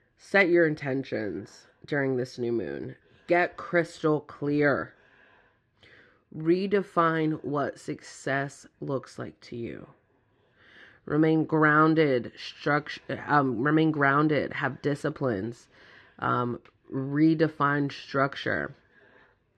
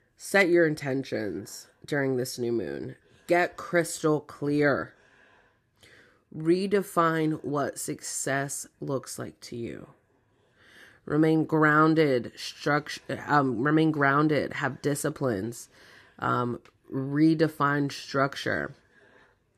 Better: second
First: muffled; slightly; fading above 3 kHz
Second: none

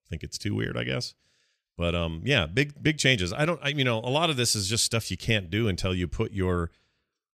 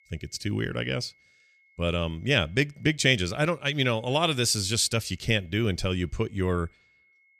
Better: first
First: none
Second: high-pitched whine; faint; throughout; 2 kHz, 35 dB below the speech

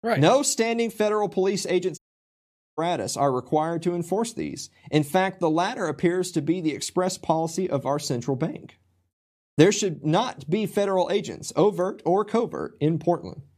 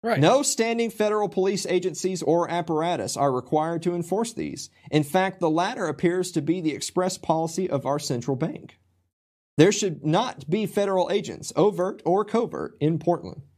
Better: second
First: audio cutting out; at 2 s for 1 s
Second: none

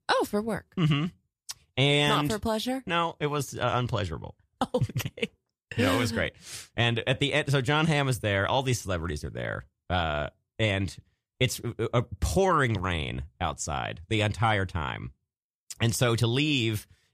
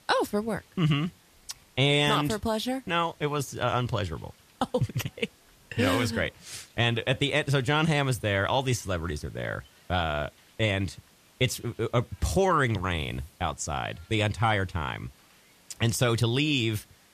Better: first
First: none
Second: hiss; faint; throughout; 30 dB below the speech

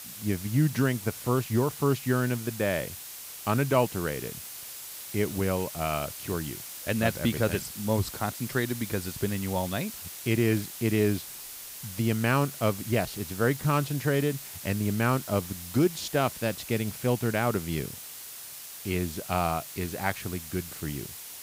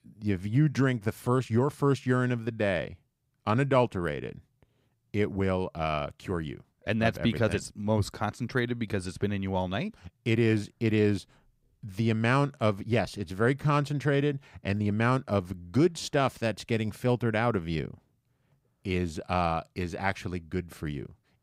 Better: second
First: hiss; loud; throughout; 10 dB below the speech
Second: none

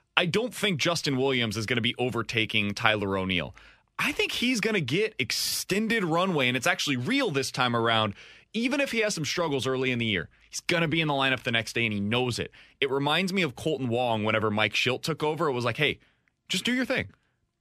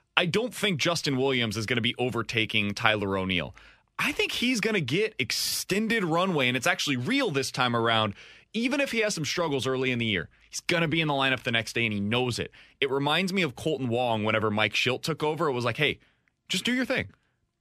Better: neither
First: none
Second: none

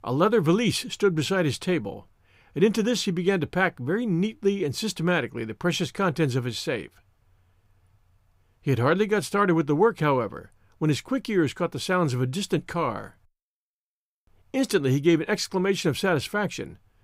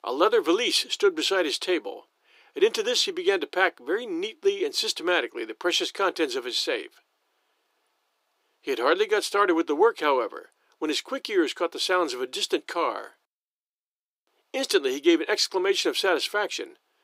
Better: first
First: none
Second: thin; very; fading below 350 Hz

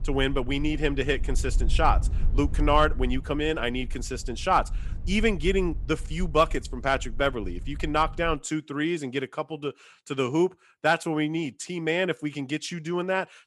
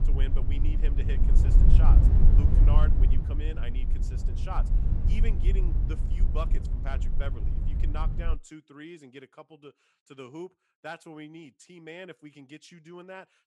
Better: first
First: low rumble; faint; until 8.5 s; 25 dB below the speech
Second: low rumble; loud; until 8.5 s; 1 dB below the speech

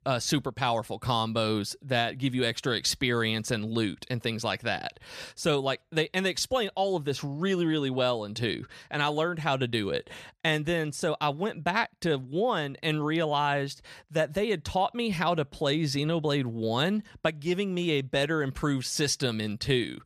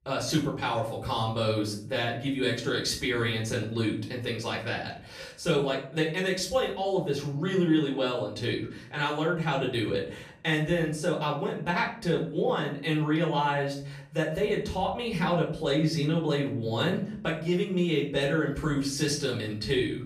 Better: first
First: none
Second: off-mic speech; far // room echo; slight; dies away in 0.5 s

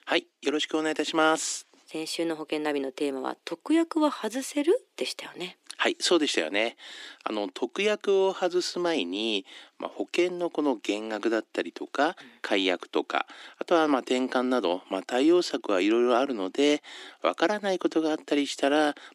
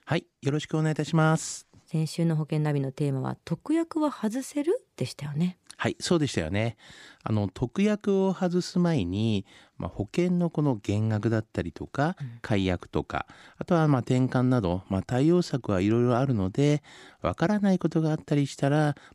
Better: second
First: thin; somewhat; fading below 300 Hz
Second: none

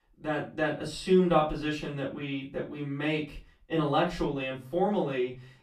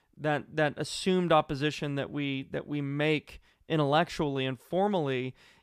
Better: second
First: off-mic speech; far // room echo; slight; dies away in 0.3 s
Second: none

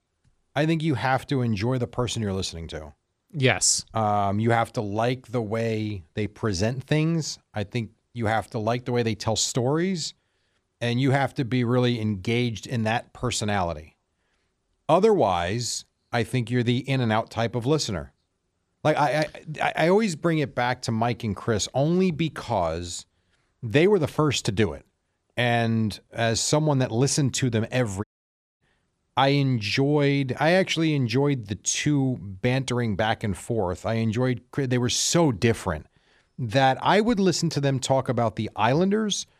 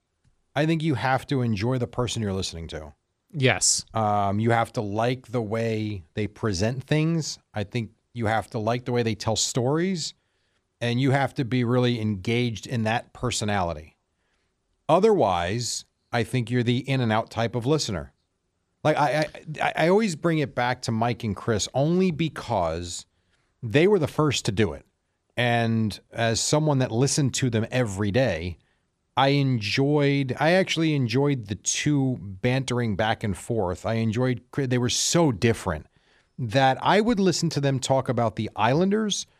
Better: second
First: audio cutting out; at 28 s for 0.5 s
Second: none

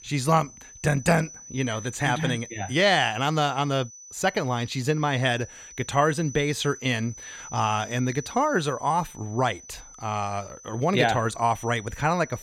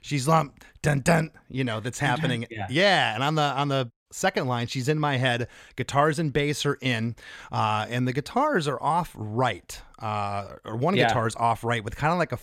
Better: second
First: high-pitched whine; noticeable; throughout; 6 kHz, 15 dB below the speech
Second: none

